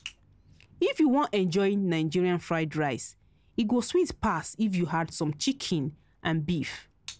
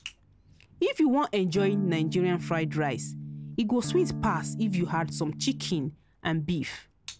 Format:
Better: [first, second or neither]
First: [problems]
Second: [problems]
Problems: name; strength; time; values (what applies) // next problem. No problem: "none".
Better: first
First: none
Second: background sound (Electric guitar / Strum); 7 dB below the speech